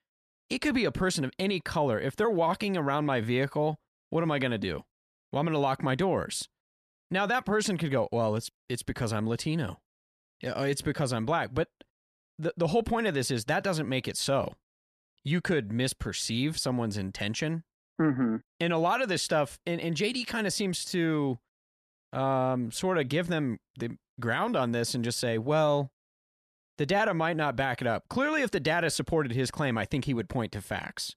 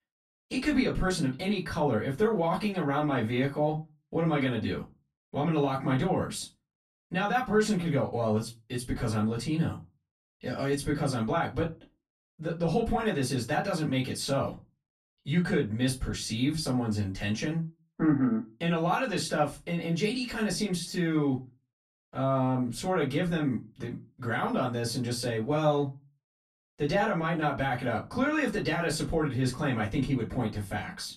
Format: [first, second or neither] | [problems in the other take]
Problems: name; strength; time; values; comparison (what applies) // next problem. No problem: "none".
first | off-mic speech; far // room echo; very slight; dies away in 0.2 s